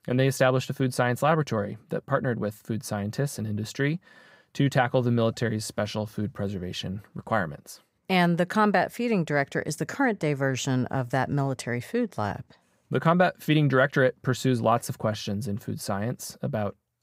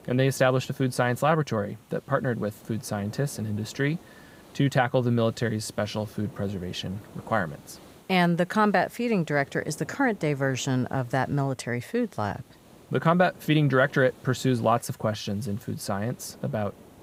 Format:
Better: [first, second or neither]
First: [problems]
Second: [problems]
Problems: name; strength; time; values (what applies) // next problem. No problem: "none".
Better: first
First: none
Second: hiss; faint; throughout; 25 dB below the speech